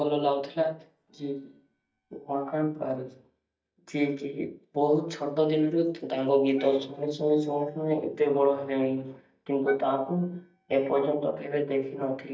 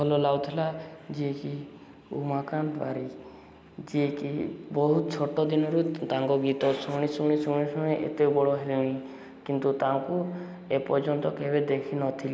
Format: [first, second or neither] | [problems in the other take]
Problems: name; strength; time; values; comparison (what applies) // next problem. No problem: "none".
second | noise reduction (neural mask model DeepFilterNet 3)